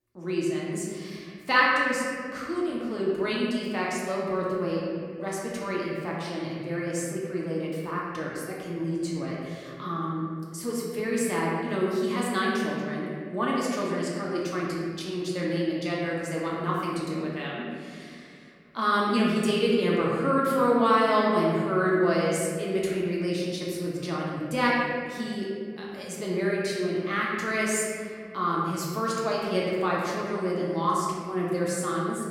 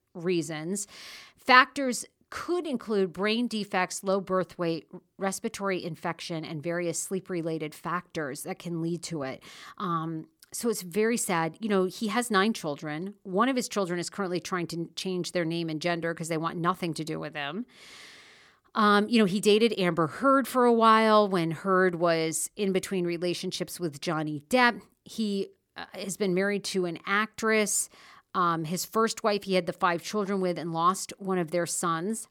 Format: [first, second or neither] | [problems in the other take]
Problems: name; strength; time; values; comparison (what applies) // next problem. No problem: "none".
second | room echo; noticeable; dies away in 2.1 s // off-mic speech; far